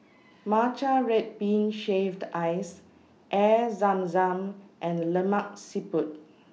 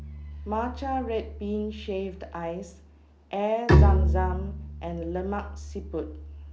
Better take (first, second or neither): first